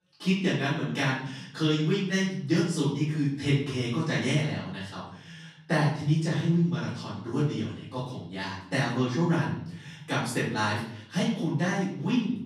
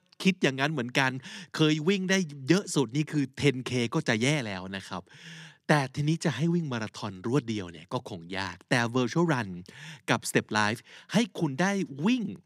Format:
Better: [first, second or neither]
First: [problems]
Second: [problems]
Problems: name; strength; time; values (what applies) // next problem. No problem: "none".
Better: second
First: room echo; noticeable; dies away in 0.6 s // off-mic speech; far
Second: none